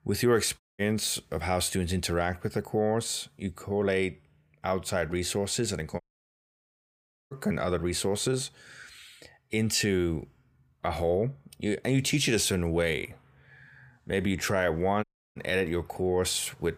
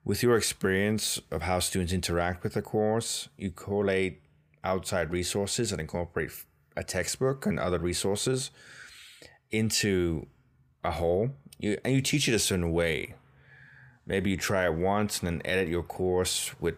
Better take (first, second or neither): second